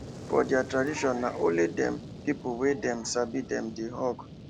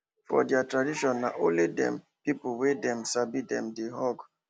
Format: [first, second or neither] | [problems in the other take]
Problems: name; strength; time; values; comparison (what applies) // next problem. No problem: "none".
second | background sound (Fire); 14 dB below the speech